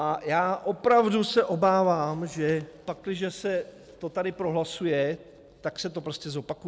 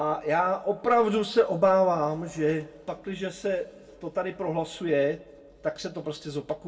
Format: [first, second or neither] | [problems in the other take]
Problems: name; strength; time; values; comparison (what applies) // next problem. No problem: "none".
first | room echo; dies away in 0.2 s